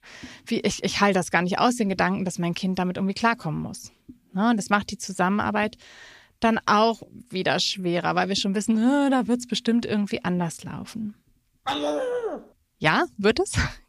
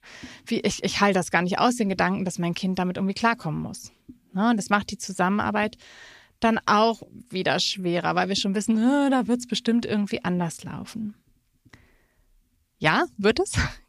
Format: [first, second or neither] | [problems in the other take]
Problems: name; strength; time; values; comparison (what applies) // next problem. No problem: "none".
second | dog barking; noticeable; at 12 s; peak 2 dB below the speech